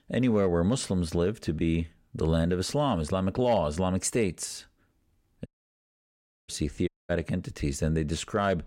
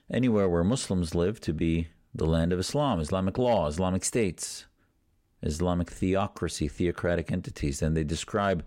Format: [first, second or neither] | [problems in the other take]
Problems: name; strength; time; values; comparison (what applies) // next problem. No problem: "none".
second | audio cutting out; at 5.5 s for 1 s and at 7 s